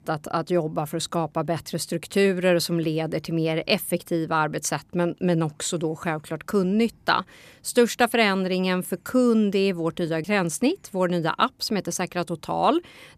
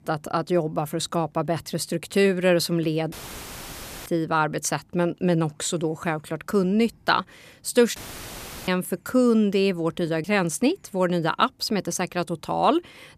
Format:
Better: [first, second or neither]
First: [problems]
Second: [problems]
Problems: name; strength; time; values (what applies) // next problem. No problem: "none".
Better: first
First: none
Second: audio cutting out; filled with static; at 3 s for 1 s and at 8 s for 0.5 s